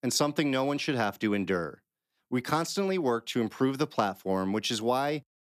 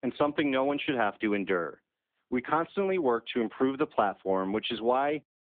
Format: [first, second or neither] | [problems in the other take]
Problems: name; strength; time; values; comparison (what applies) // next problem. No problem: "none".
first | phone-call audio